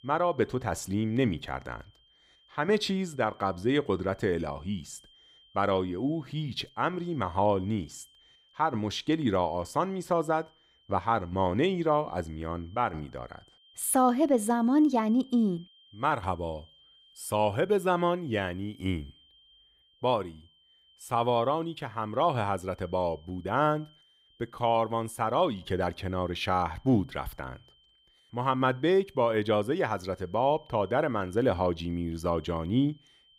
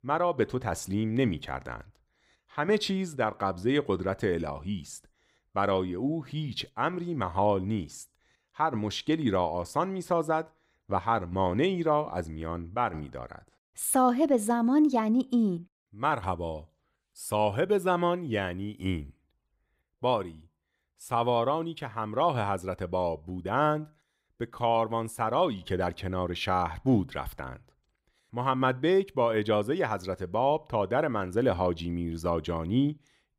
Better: second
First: high-pitched whine; faint; throughout; 3 kHz, 30 dB below the speech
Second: none

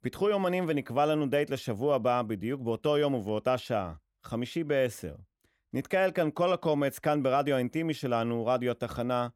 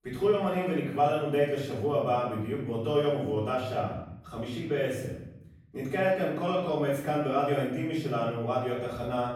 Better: first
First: none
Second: off-mic speech; far // room echo; noticeable; dies away in 0.8 s

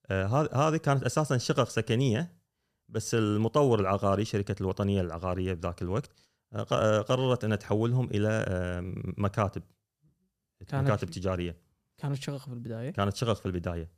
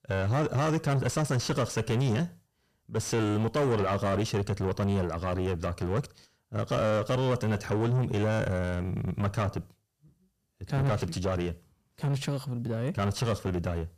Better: first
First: none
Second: distortion; heavy; 6 dB below the speech

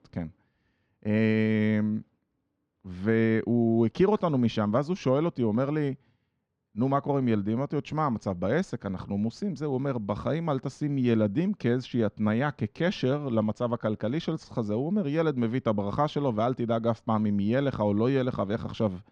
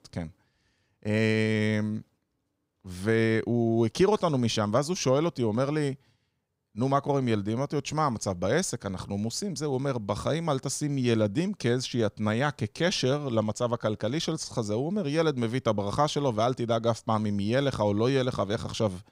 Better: second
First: muffled; slightly; fading above 2.5 kHz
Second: none

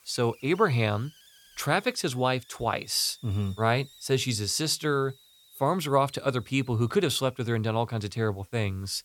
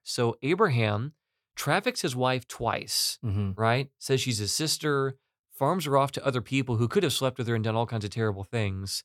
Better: second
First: hiss; faint; throughout; 25 dB below the speech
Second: none

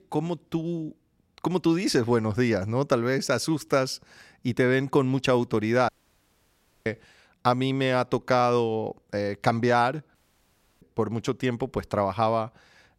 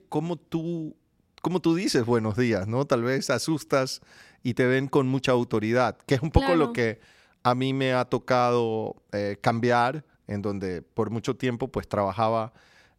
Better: second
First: audio cutting out; at 6 s for 1 s and at 10 s for 0.5 s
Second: none

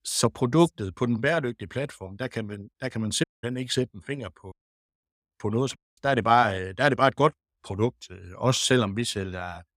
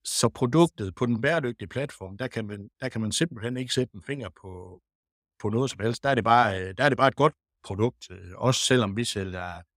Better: second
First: audio cutting out; at 3 s, at 4.5 s and at 6 s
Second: none

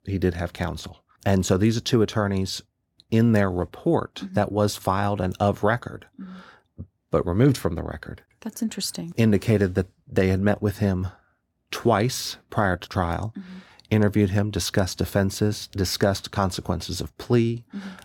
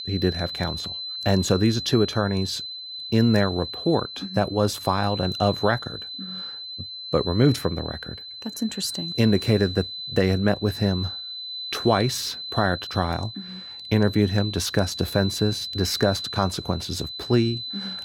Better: first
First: none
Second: high-pitched whine; loud; throughout; 4 kHz, 8 dB below the speech

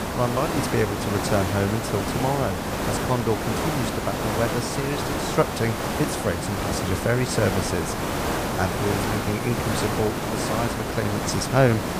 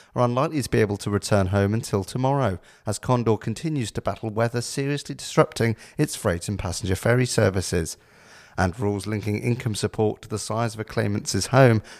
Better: second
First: hiss; loud; throughout; 1 dB below the speech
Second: none

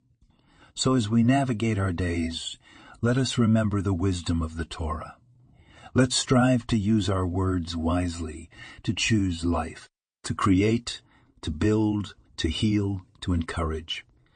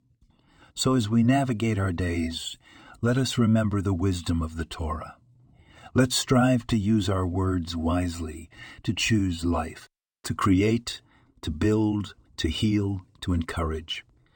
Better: second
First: garbled, watery; slightly; nothing above 9 kHz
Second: none

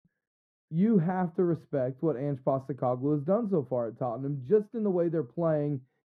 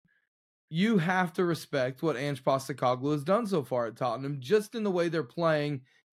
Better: second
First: muffled; very; fading above 1.5 kHz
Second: none

